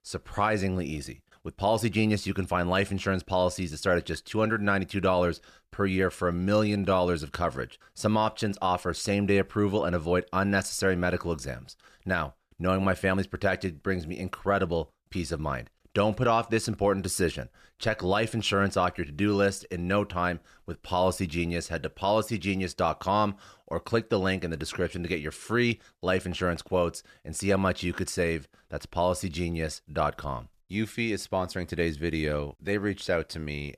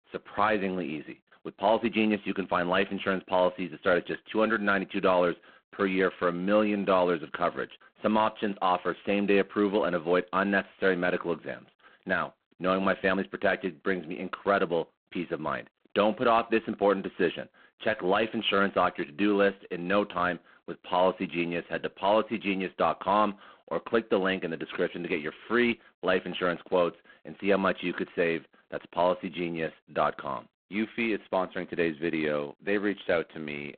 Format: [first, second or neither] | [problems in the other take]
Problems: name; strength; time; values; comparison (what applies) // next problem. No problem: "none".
first | phone-call audio; poor line